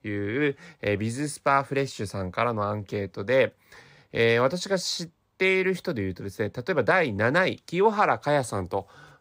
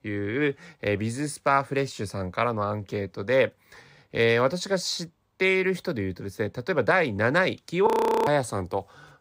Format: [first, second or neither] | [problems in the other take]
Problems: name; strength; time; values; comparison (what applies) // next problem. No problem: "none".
first | audio freezing; at 8 s